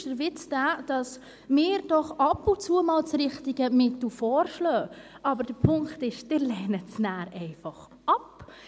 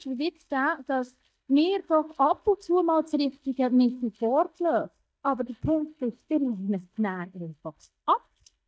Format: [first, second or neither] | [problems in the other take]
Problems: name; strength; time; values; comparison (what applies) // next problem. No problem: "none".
first | noise reduction (neural mask model DeepFilterNet 3)